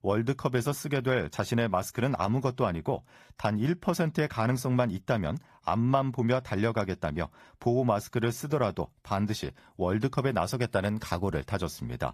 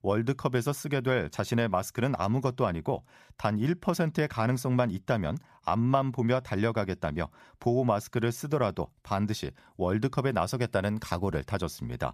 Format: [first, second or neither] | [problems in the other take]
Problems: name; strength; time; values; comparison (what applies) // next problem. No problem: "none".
second | garbled, watery; slightly; nothing above 14.5 kHz